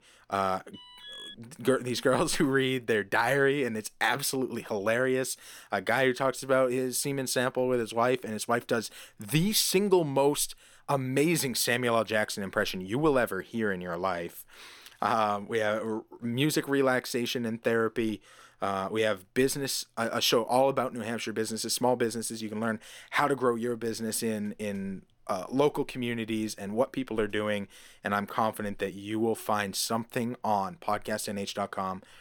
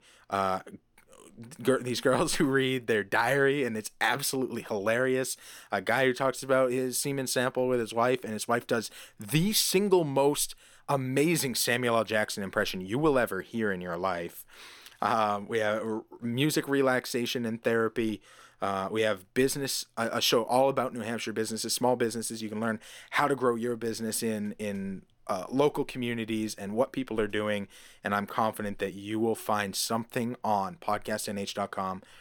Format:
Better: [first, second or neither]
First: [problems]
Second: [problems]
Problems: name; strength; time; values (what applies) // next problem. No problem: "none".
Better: second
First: alarm; faint; at 0.5 s; peak 15 dB below the speech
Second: none